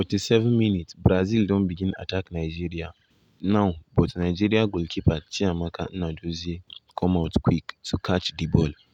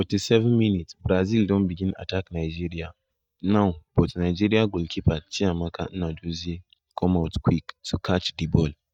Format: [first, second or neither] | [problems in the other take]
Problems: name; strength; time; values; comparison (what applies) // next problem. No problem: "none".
first | noise reduction (neural mask model DeepFilterNet 3)